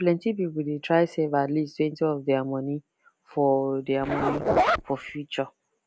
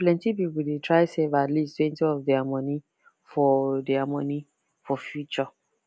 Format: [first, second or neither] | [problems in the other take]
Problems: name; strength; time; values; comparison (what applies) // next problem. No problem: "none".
second | background sound (Zipper (clothing)); 1 dB above the speech